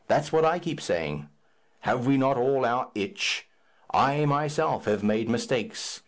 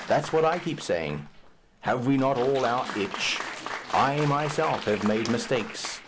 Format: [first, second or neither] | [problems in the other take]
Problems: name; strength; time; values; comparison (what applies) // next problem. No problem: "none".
first | background sound (Applause); 11 dB below the speech